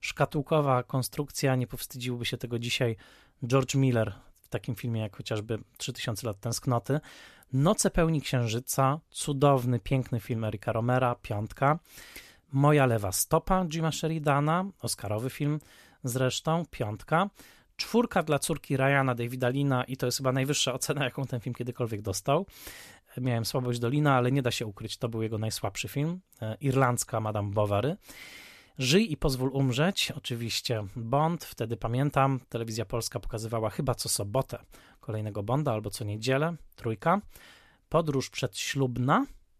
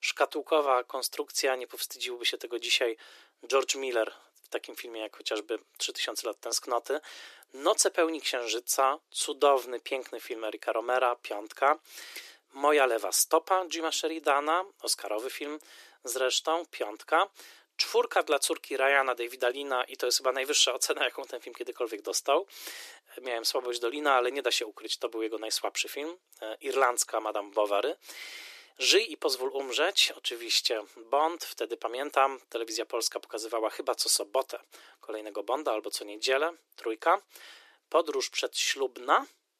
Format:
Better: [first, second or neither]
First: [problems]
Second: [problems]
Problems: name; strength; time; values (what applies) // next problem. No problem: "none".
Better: first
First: none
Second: thin; very; fading below 300 Hz